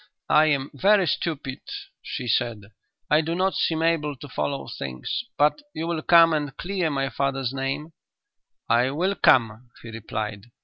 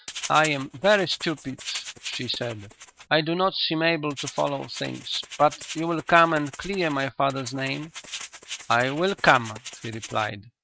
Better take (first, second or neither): first